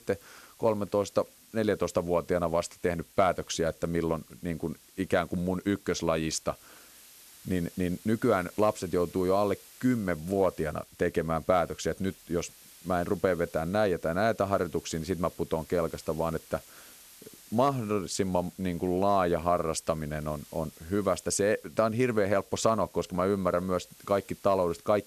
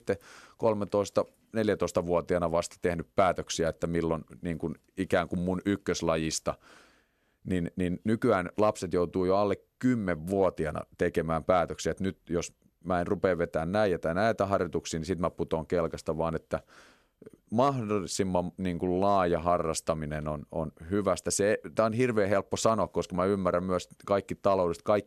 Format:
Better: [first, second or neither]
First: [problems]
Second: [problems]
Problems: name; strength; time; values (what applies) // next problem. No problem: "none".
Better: second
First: hiss; faint; throughout; 20 dB below the speech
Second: none